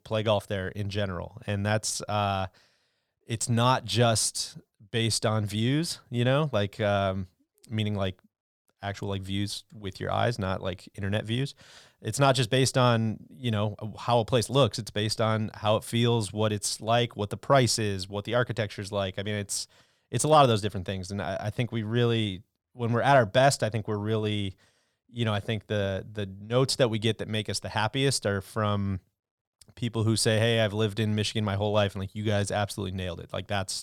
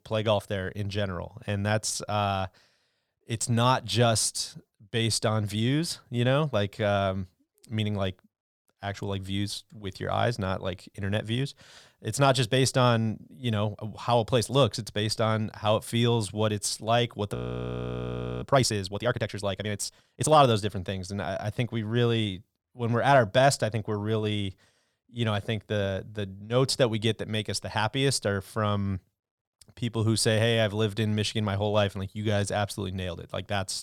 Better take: first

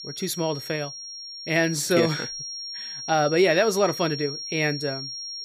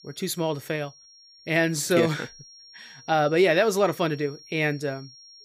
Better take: second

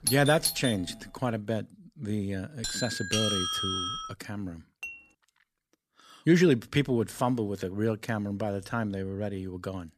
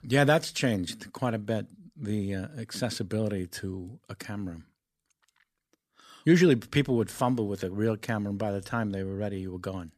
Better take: second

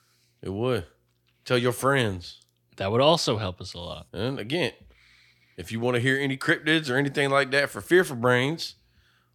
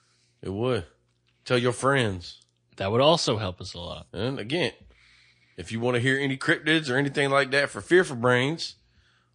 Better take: first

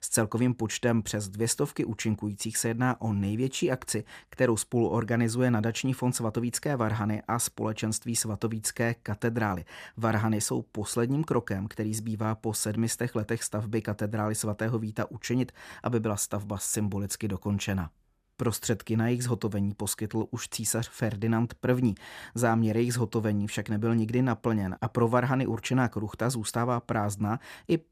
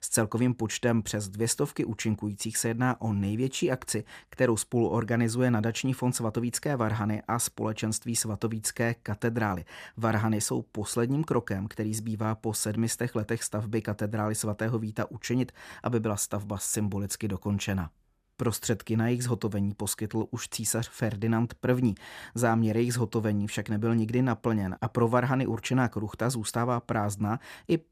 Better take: neither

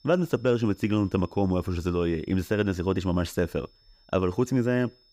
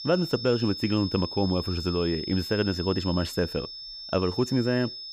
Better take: first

